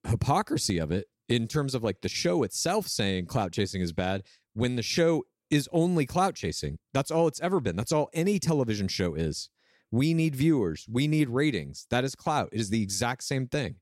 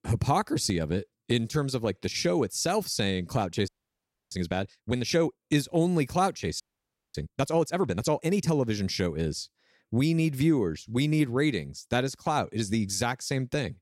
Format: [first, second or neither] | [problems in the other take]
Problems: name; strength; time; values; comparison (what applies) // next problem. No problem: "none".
first | audio freezing; at 3.5 s for 0.5 s and at 6.5 s for 0.5 s